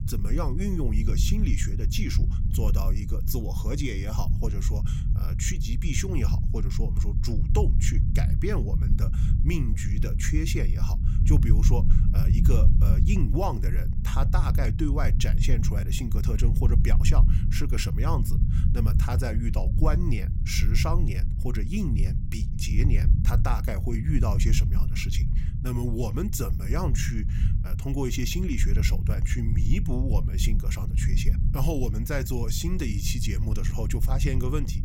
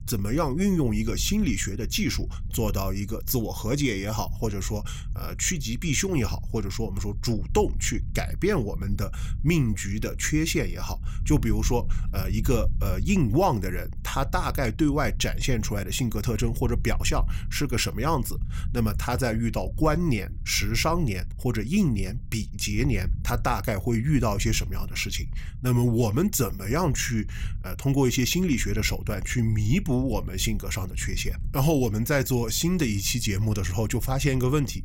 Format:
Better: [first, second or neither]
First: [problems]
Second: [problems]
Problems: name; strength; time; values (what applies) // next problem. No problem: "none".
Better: second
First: low rumble; loud; throughout; 6 dB below the speech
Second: low rumble; faint; throughout; 20 dB below the speech